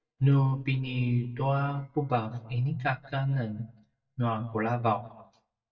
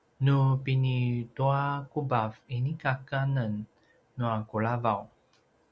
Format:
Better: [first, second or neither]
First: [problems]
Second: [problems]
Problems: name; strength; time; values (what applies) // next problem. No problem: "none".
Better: second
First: noise reduction (neural mask model DeepFilterNet 3)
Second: none